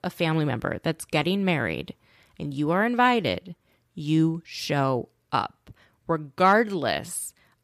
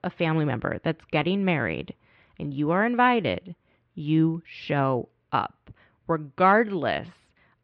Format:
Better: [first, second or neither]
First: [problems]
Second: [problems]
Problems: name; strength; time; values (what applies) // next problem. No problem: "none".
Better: first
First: none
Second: muffled; slightly; fading above 3 kHz